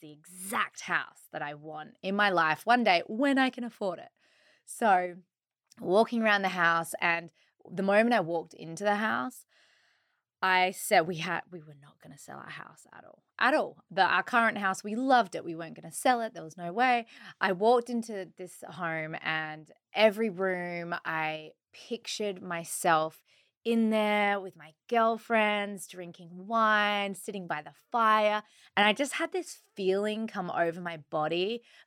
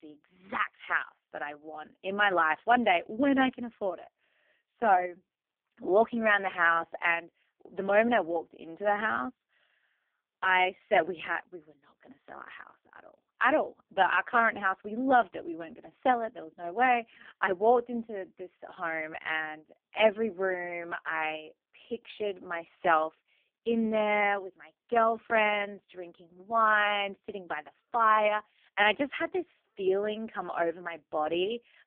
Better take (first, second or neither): first